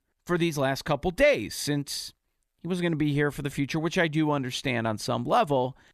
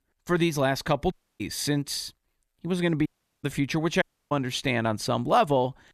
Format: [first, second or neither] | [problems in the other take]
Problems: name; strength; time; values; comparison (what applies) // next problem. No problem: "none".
first | audio cutting out; at 1 s, at 3 s and at 4 s